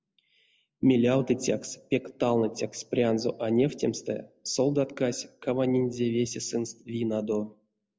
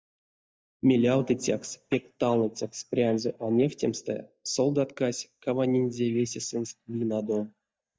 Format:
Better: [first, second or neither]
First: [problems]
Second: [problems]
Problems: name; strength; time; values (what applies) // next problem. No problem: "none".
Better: first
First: none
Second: noise reduction (neural mask model DeepFilterNet 3)